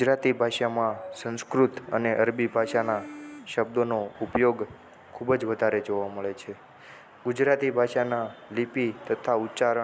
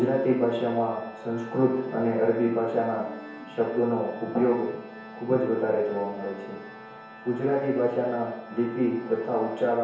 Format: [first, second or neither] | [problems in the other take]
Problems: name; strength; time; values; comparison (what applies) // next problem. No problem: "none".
first | background sound (Organ); 17 dB below the speech // room echo; dies away in 1 s